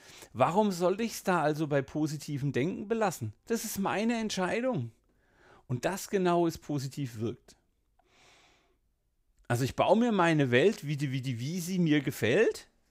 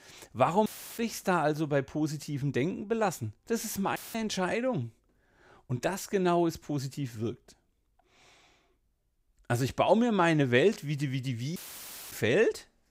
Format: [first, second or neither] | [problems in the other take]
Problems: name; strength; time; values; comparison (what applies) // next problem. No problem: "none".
first | audio cutting out; filled with static; at 0.5 s, at 4 s and at 12 s for 0.5 s